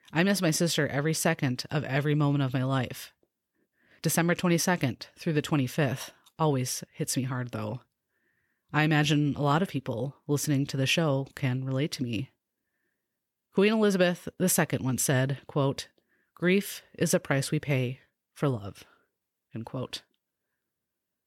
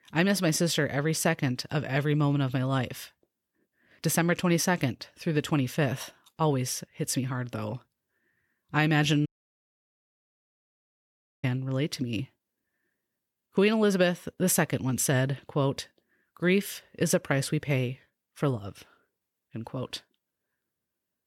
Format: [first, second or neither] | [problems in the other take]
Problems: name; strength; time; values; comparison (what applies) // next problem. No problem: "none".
first | audio cutting out; at 9.5 s for 2 s